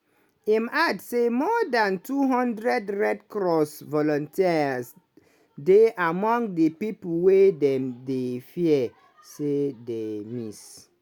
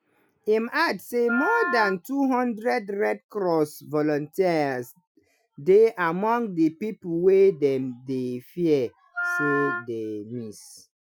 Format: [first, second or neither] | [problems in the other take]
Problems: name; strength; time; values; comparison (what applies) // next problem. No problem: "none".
first | noise reduction (classical method Wiener filter)